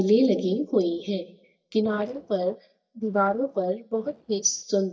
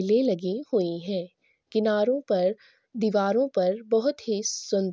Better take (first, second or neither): second